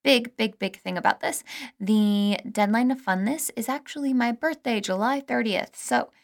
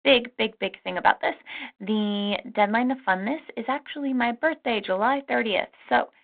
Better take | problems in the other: first | phone-call audio

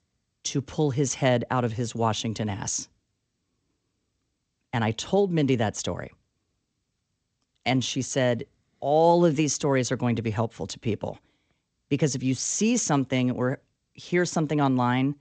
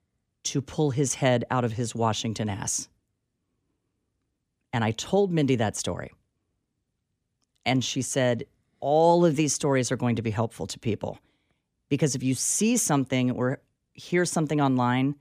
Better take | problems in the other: second | garbled, watery; slightly; nothing above 7.5 kHz

